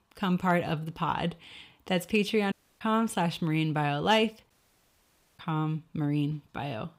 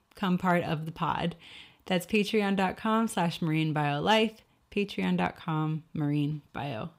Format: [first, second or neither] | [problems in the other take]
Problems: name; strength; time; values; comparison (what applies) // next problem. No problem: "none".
second | audio cutting out; at 2.5 s and at 4.5 s for 1 s